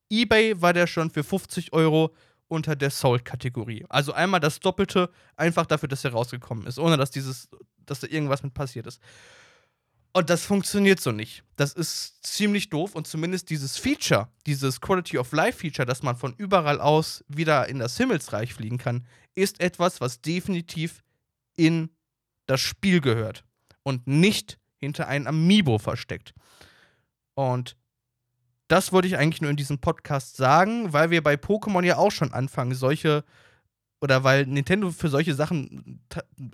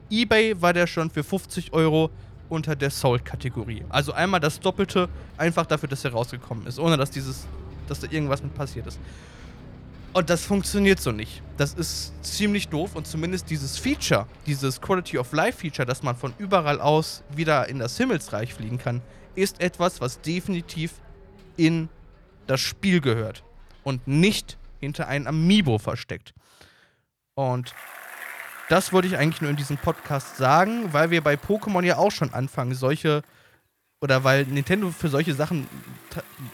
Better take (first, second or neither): first